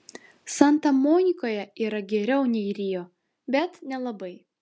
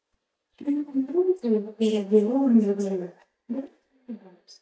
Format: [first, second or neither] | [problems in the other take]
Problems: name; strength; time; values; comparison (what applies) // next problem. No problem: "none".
first | noise reduction (neural mask model DeepFilterNet 3)